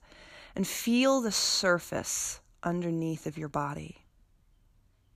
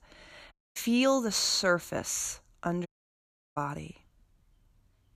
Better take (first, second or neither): first